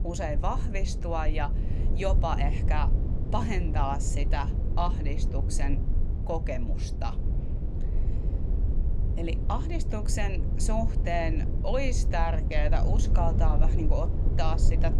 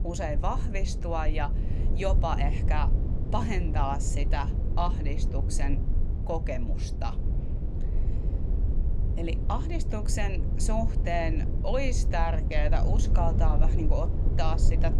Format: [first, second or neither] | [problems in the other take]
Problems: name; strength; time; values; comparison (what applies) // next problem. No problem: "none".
neither | low rumble; noticeable; throughout; 10 dB below the speech; the same in both